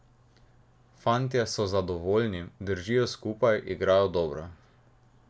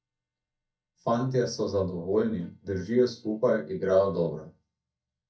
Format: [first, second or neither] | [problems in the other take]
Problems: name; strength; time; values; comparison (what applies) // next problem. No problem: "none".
first | noise reduction (neural mask model DeepFilterNet 3)